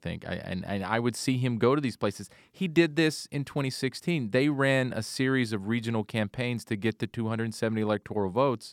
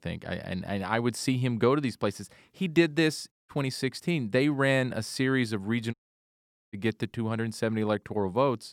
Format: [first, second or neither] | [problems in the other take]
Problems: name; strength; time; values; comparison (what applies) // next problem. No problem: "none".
first | audio cutting out; at 3.5 s and at 6 s for 1 s